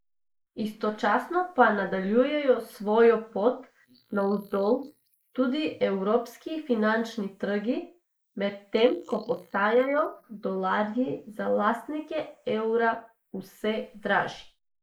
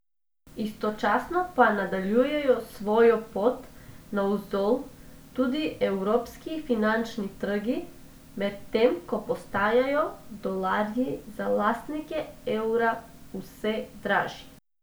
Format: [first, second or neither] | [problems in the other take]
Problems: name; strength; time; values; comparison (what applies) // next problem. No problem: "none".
second | noise reduction (neural mask model Resemble Enhance denoiser)